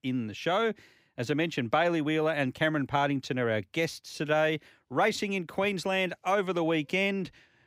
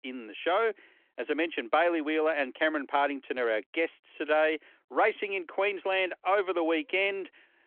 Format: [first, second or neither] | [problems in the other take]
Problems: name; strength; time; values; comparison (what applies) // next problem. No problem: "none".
first | phone-call audio